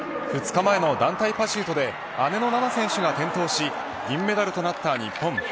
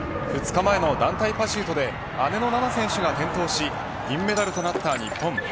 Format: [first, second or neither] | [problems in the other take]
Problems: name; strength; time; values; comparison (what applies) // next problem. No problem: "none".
first | background sound (Shatter + Waves, surf); 10 dB below the speech